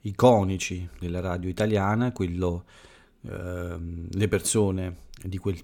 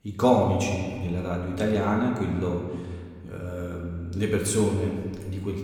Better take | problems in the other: first | room echo; noticeable; dies away in 1.6 s // off-mic speech; somewhat distant

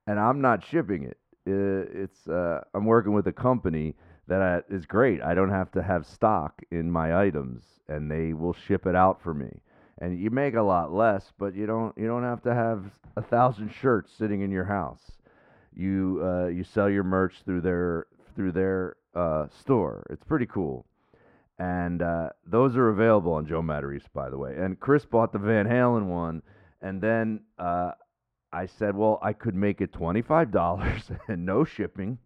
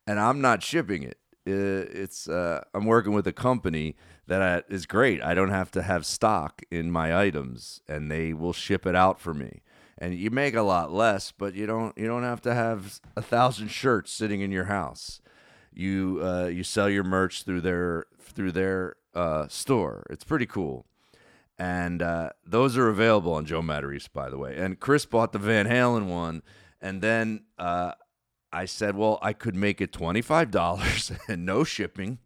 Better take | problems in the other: second | muffled; very; fading above 3 kHz

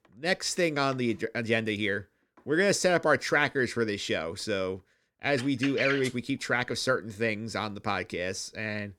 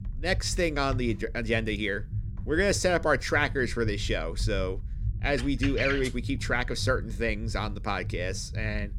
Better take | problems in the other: first | low rumble; faint; throughout; 25 dB below the speech

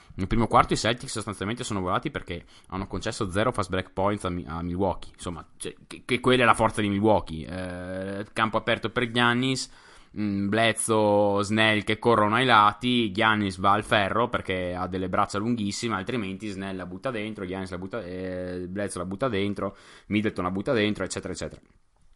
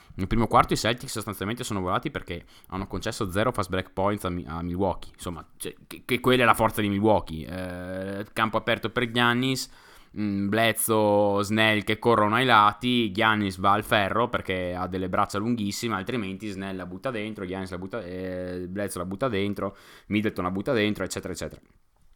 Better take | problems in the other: second | garbled, watery; slightly; nothing above 11 kHz

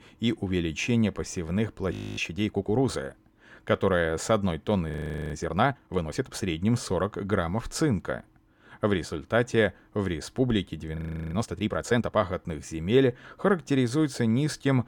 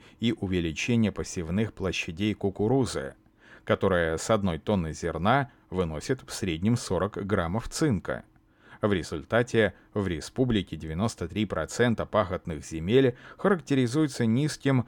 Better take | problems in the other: second | audio freezing; at 2 s, at 5 s and at 11 s

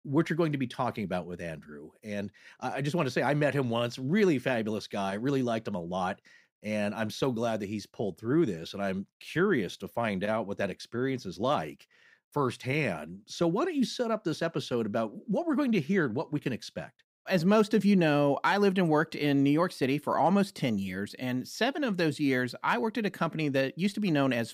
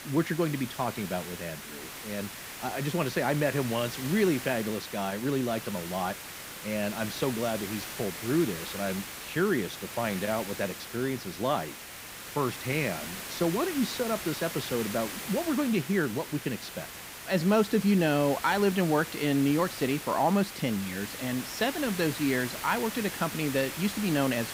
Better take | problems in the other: first | hiss; loud; throughout; 8 dB below the speech

